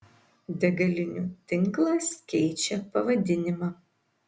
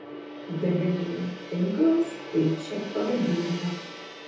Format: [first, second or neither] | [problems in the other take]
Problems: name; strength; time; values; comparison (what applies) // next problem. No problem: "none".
first | background sound (Gong); 12 dB below the speech // room echo; dies away in 0.6 s